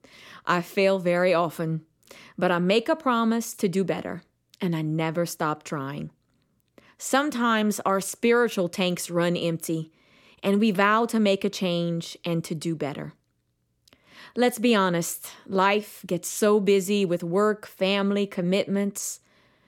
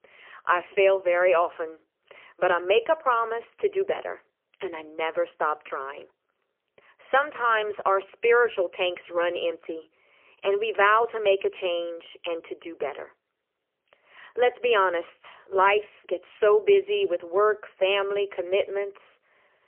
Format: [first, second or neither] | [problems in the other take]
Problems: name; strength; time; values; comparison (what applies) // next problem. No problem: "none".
first | phone-call audio; poor line; nothing above 3 kHz